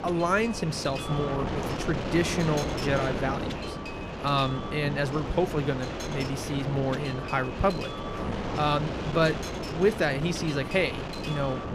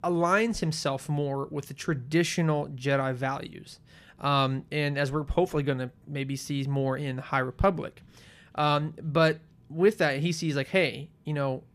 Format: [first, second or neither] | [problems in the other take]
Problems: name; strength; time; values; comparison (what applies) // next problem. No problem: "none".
second | wind noise on the microphone; heavy; 5 dB below the speech